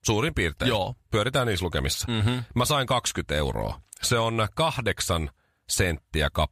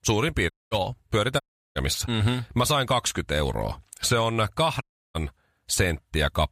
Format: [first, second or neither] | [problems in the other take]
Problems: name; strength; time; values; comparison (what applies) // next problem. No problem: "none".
first | audio cutting out; at 0.5 s, at 1.5 s and at 5 s